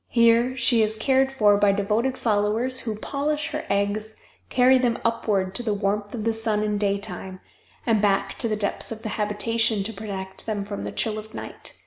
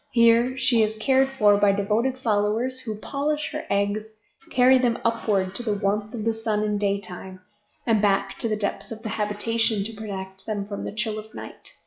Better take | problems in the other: first | noise reduction (classical method log-MMSE)

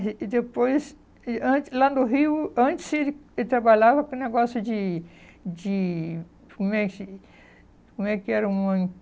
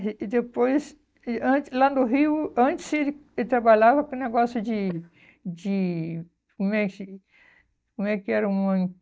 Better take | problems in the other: first | noise reduction (neural mask model DeepFilterNet 3)

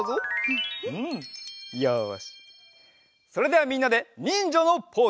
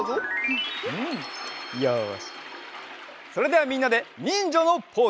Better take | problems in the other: first | background sound (Toilet flush); 14 dB below the speech

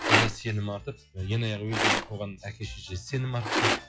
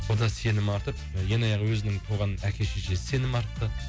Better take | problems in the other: second | noise reduction (classical method log-MMSE)

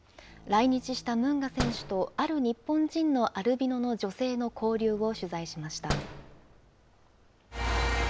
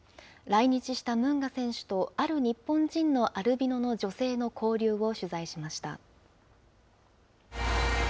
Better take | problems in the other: second | background sound (Slam); 12 dB below the speech

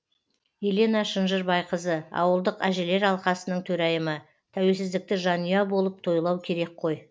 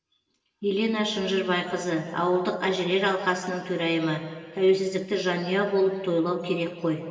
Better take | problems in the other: first | room echo; dies away in 2 s

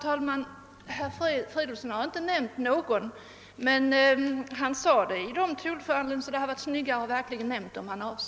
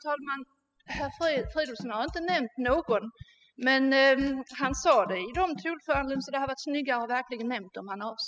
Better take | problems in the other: first | noise reduction (classical method spectral subtraction)

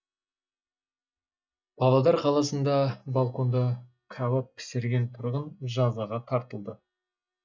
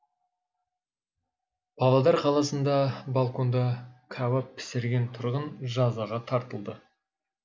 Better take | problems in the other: second | noise reduction (neural mask model DeepFilterNet 3)

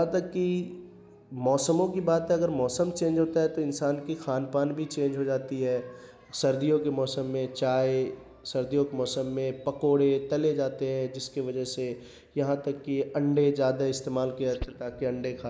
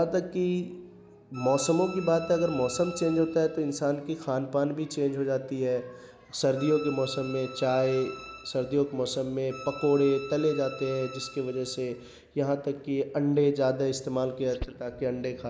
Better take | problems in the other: first | background sound (Bowed string instrument); 16 dB below the speech

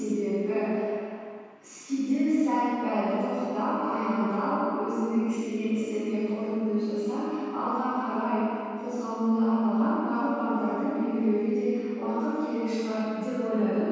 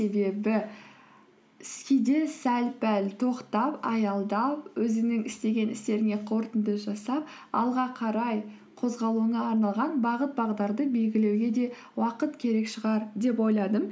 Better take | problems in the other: second | room echo; dies away in 2.2 s

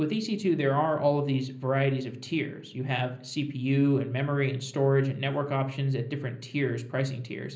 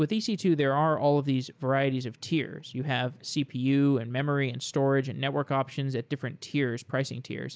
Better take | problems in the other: second | room echo; dies away in 0.5 s

